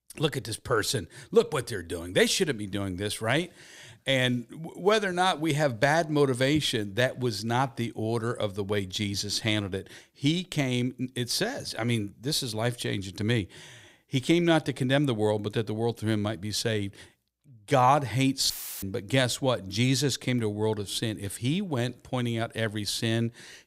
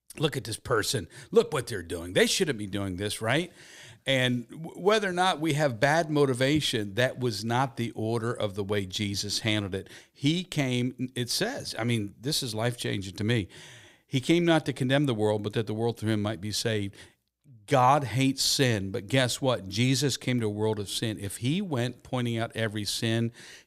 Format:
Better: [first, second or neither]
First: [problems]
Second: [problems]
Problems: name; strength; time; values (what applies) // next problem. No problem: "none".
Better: second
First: audio cutting out; filled with static; at 19 s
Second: none